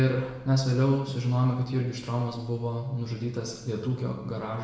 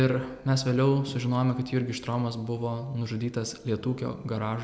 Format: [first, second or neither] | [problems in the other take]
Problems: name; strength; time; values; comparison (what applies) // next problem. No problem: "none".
second | room echo; dies away in 0.9 s